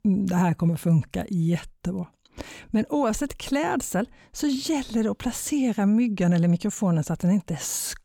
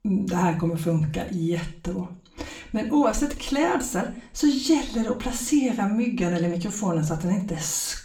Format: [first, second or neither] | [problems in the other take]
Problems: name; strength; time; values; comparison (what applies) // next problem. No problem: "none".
first | room echo; slight; dies away in 0.4 s // off-mic speech; somewhat distant